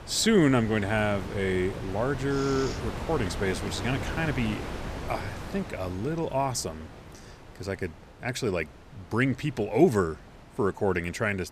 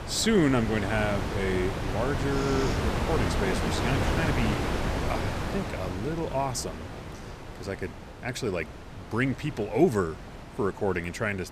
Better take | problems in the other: first | wind noise on the microphone; heavy; 2 dB below the speech; occasional gusts in the first

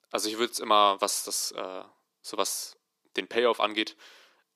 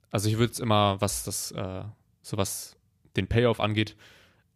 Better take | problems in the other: second | thin; very; fading below 300 Hz

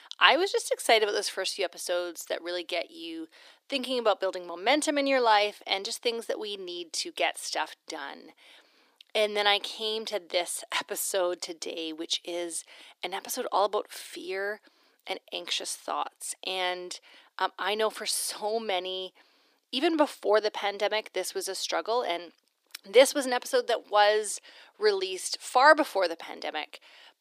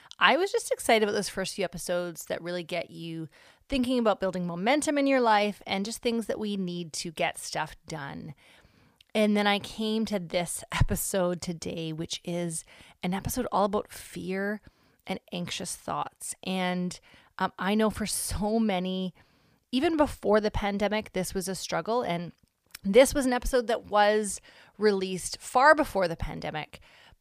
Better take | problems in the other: second | thin; somewhat; fading below 300 Hz

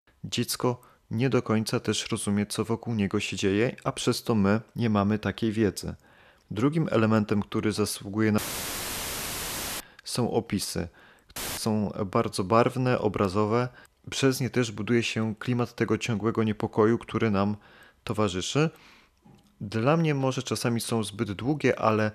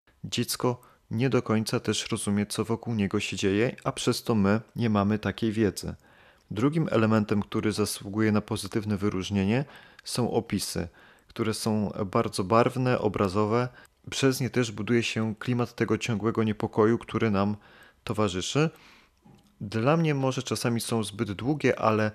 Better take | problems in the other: second | audio cutting out; filled with static; at 8.5 s for 1.5 s and at 11 s

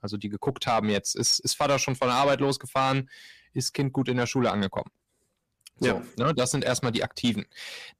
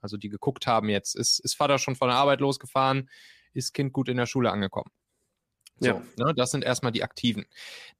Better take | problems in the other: second | distortion; slight; 10 dB below the speech

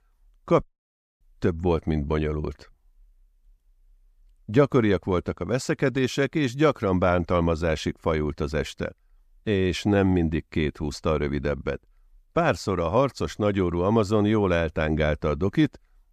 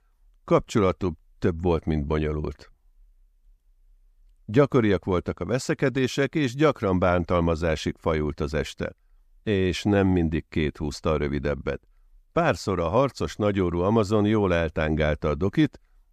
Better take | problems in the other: second | audio cutting out; at 0.5 s for 0.5 s

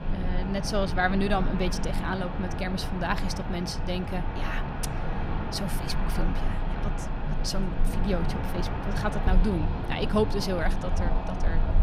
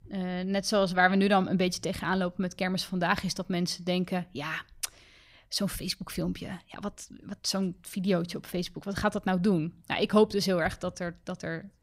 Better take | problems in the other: second | wind in the background; loud; throughout; as loud as the speech

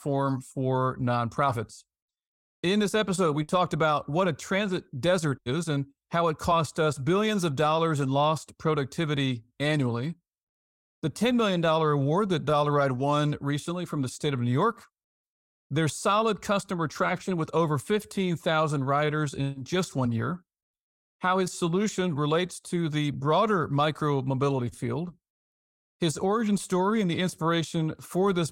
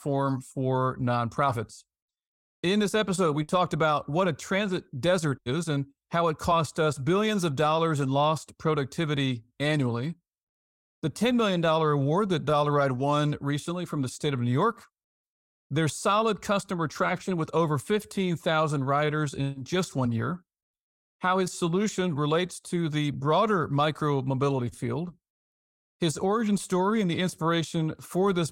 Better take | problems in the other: neither | none

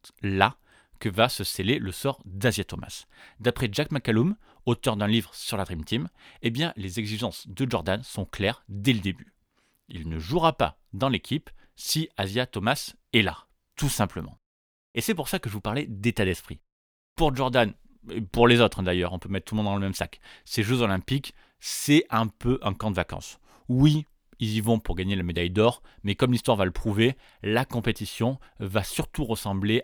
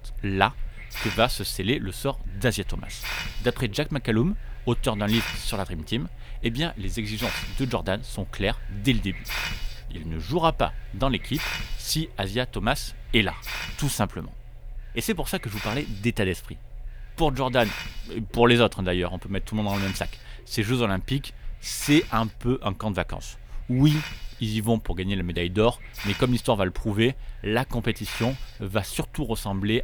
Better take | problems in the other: first | hiss; noticeable; throughout; 10 dB below the speech

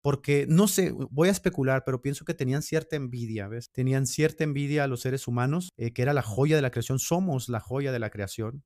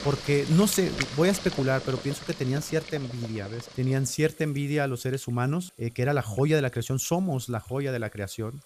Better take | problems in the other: first | household noises; noticeable; throughout; 10 dB below the speech

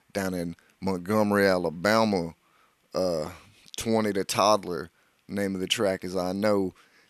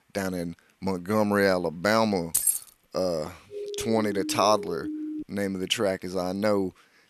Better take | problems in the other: first | jangling keys; loud; at 2.5 s; peak 3 dB above the speech // siren; noticeable; from 3.5 to 5 s; peak 7 dB below the speech

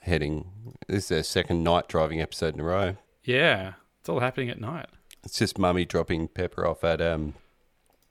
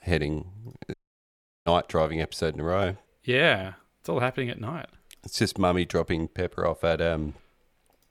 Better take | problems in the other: first | audio cutting out; at 1 s for 0.5 s

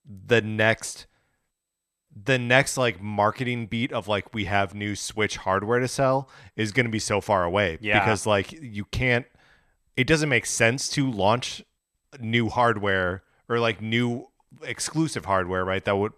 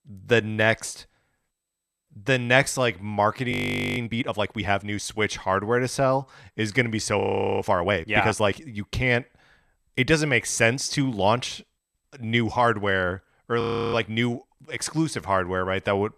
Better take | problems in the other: first | audio freezing; at 3.5 s, at 7 s and at 14 s

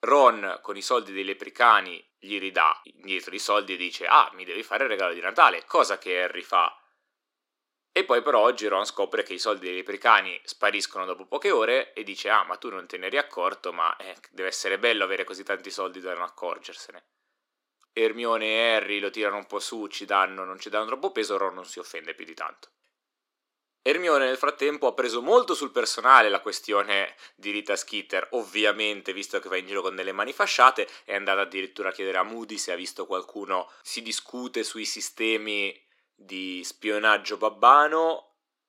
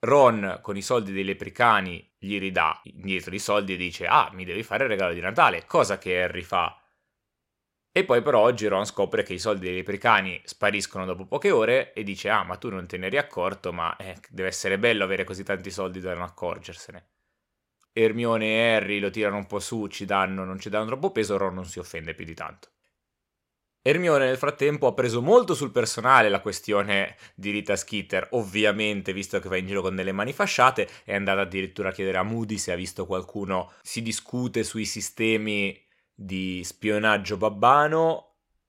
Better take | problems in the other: second | thin; somewhat; fading below 250 Hz

